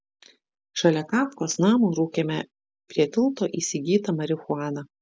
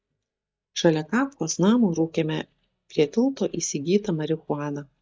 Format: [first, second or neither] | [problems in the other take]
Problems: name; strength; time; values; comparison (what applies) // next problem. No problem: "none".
first | noise reduction (neural mask model DeepFilterNet 3)